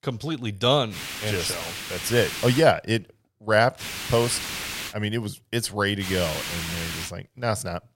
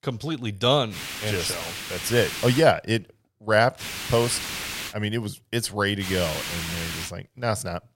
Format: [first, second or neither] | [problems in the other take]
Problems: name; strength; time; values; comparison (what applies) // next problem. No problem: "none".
neither | hiss; loud; from 1 to 2.5 s, from 4 to 5 s and from 6 to 7 s; 6 dB below the speech; the same in both